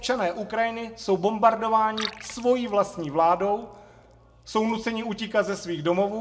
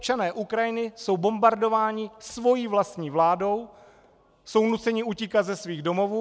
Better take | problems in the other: second | background sound (Liquid); 20 dB below the speech // room echo; dies away in 0.7 s

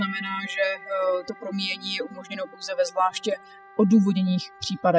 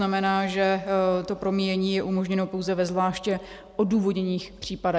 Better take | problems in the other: second | noise reduction (classical method spectral subtraction)

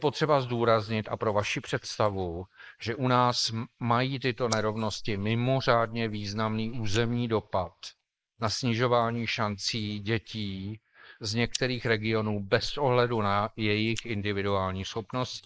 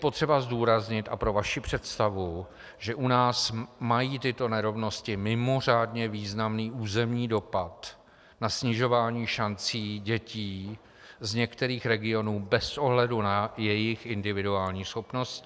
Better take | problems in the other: second | noise reduction (neural mask model Resemble Enhance denoiser)

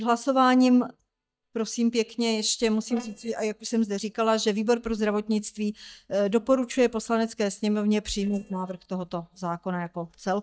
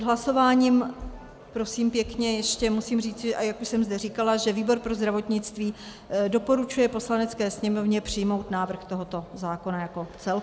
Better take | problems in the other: second | noise reduction (neural mask model DeepFilterNet 3)

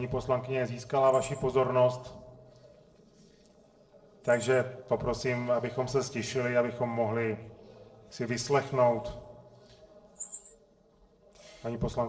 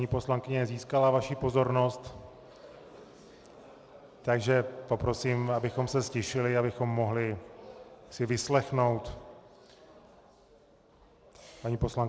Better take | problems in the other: second | noise reduction (neural separator model SepFormer DNS4)

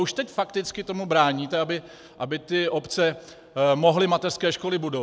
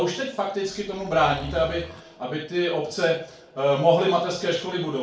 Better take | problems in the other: first | background sound (Zipper (clothing)); 15 dB below the speech // room echo; dies away in 0.4 s

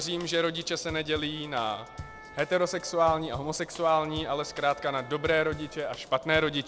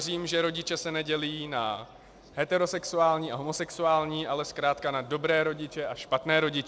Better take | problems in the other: second | background sound (Drum kit + Wind instrument, woodwind instrument); 17 dB below the speech

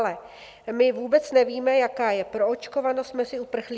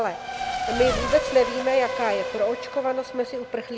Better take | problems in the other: first | background sound (Race car, auto racing / Accelerating, revving, vroom); 5 dB below the speech

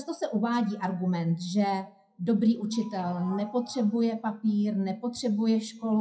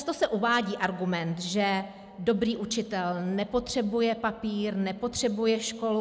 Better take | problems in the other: second | noise reduction (classical method WPE with log-MMSE)

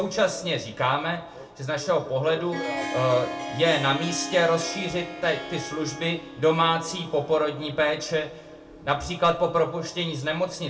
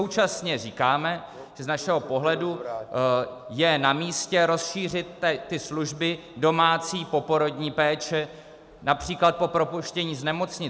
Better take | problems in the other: second | background sound (Harp); 12 dB below the speech // room echo; dies away in 0.3 s

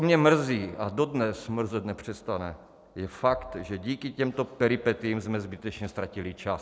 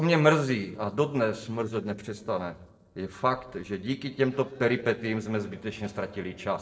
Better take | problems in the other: first | noise reduction (neural separator model SepFormer DNS4)

